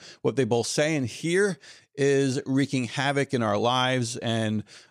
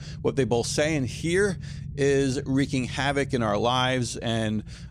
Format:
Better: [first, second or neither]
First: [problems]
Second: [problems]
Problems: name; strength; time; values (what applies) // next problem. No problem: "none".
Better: first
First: none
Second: low rumble; faint; throughout; 25 dB below the speech